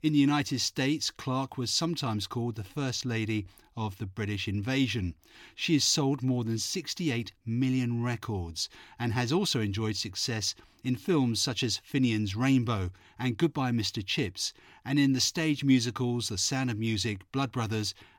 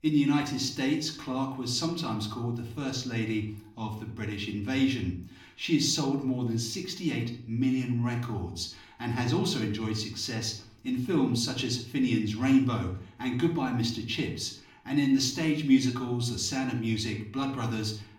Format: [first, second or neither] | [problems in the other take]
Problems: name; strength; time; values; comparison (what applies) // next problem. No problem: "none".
first | room echo; slight; dies away in 0.5 s // off-mic speech; somewhat distant